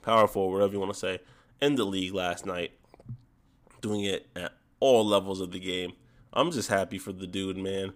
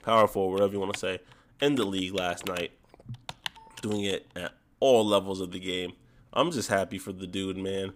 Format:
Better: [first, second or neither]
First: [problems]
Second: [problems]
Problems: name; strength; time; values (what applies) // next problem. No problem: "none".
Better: first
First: none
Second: household noises; noticeable; throughout; 15 dB below the speech